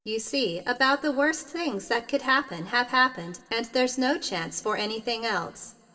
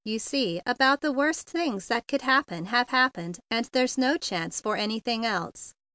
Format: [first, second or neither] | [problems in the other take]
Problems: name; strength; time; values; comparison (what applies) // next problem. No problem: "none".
second | room echo; dies away in 2.8 s